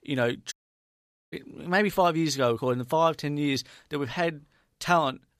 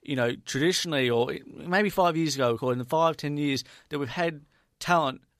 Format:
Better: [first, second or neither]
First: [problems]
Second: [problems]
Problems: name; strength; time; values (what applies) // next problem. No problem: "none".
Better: second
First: audio cutting out; at 0.5 s for 1 s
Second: none